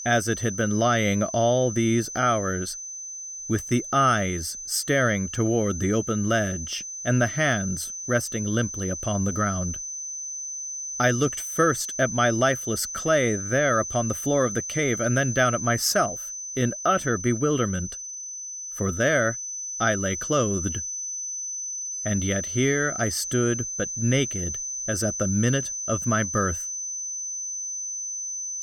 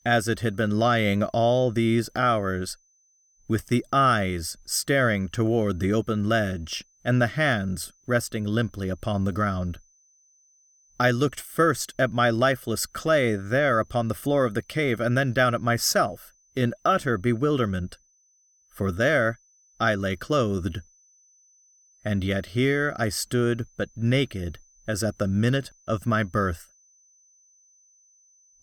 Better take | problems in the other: second | high-pitched whine; loud; throughout; 6 kHz, 6 dB below the speech; faint in the second

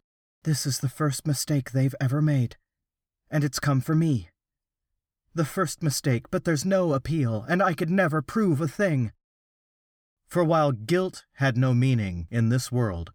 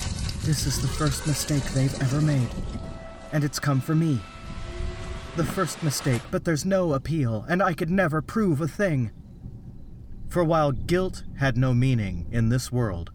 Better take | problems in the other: first | rain or running water; noticeable; throughout; 10 dB below the speech

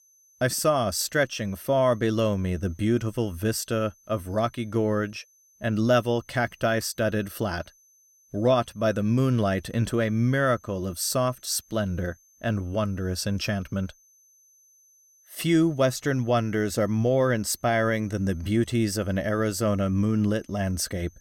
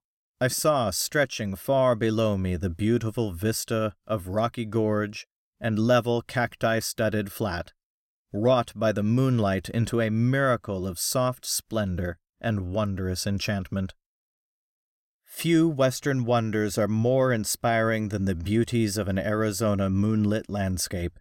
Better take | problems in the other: second | high-pitched whine; faint; throughout; 6 kHz, 30 dB below the speech

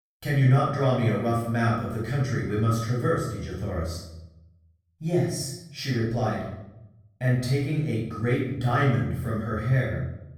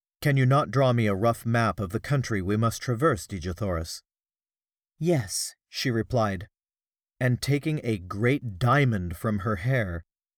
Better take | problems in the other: second | off-mic speech; far // room echo; noticeable; dies away in 0.7 s

